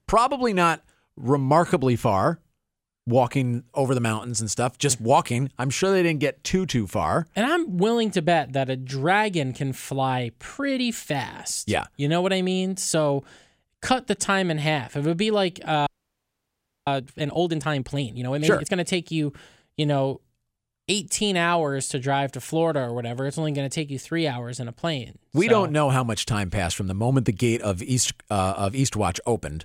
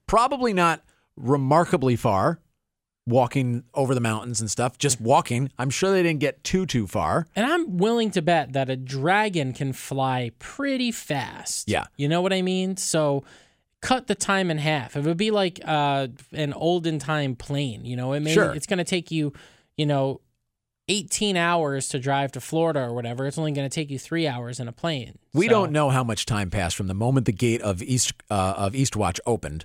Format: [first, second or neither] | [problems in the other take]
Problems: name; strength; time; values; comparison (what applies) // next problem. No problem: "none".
second | audio freezing; at 16 s for 1 s